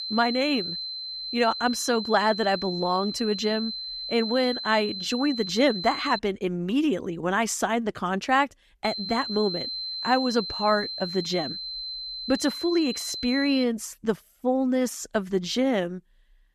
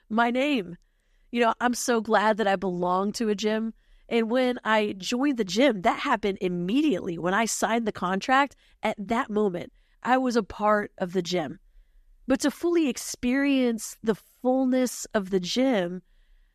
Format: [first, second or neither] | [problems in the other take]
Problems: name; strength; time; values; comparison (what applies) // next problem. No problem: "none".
second | high-pitched whine; loud; until 6 s and from 9 to 14 s; 4 kHz, 6 dB below the speech